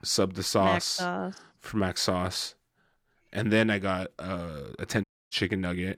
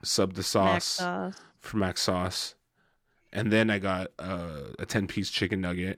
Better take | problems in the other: second | audio cutting out; at 5 s

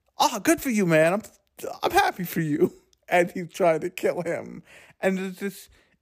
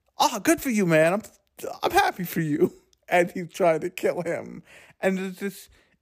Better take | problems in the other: neither | none

